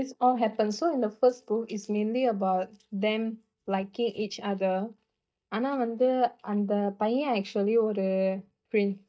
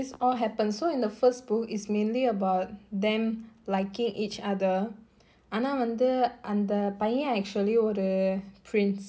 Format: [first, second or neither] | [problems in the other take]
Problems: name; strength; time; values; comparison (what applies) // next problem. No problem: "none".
second | noise reduction (neural mask model DeepFilterNet 3)